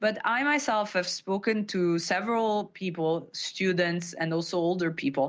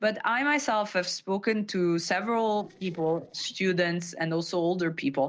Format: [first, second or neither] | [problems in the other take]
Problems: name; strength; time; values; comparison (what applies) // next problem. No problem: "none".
first | noise reduction (neural separator model SepFormer DNS4)